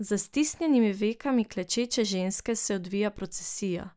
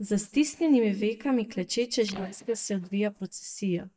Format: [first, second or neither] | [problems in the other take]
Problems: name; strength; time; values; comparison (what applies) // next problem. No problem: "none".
first | noise reduction (neural mask model DeepFilterNet 3)